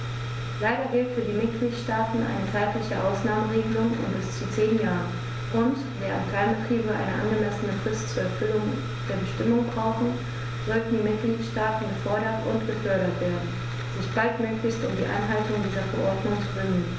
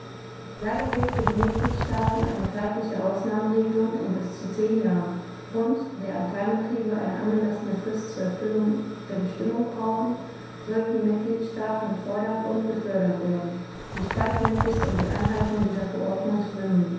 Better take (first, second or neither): first